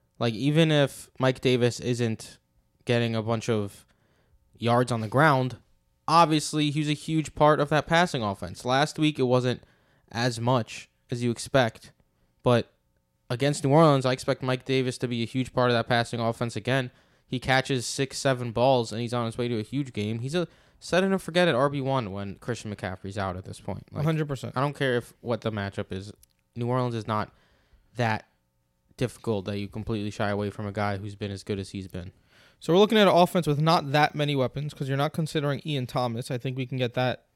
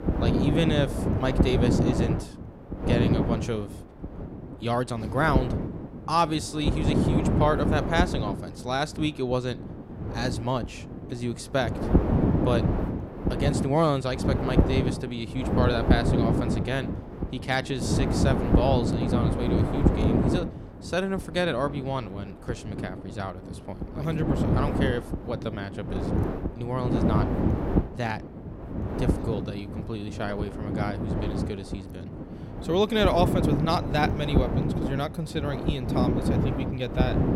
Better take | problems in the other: first | wind noise on the microphone; heavy; 3 dB below the speech

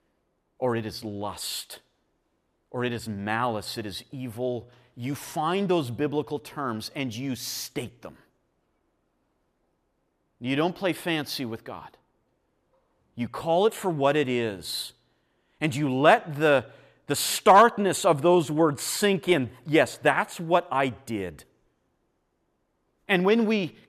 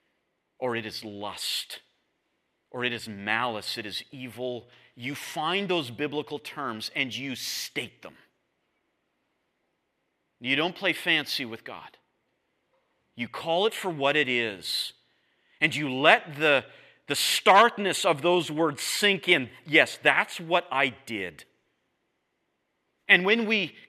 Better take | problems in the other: first | thin; very slightly; fading below 350 Hz

